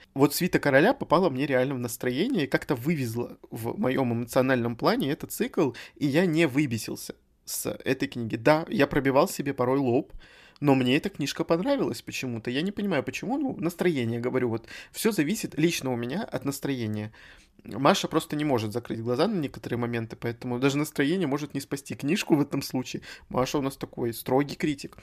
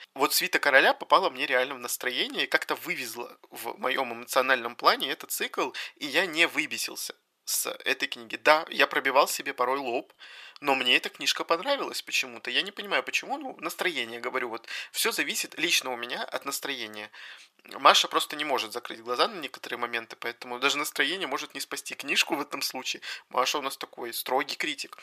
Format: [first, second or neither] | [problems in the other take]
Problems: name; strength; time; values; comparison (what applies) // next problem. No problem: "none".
first | thin; very; fading below 700 Hz